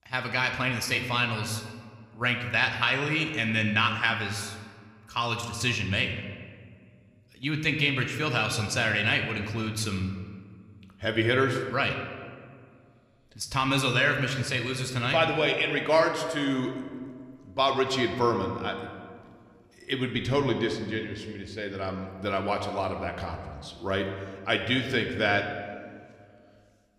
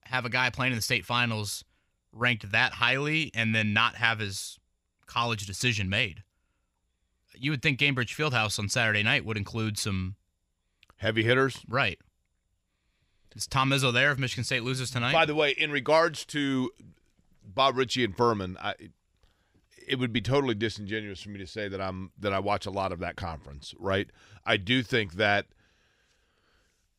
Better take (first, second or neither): second